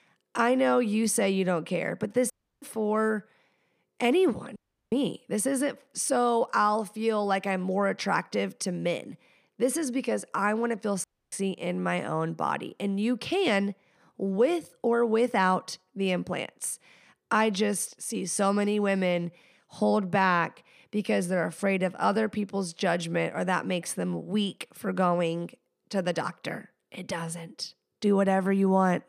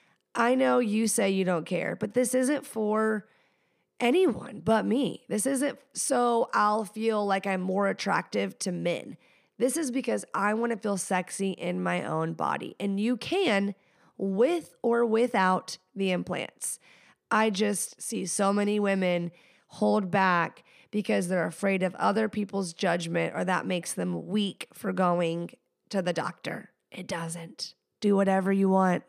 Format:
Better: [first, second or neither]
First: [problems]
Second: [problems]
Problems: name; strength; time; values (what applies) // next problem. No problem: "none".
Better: second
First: audio cutting out; at 2.5 s, at 4.5 s and at 11 s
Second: none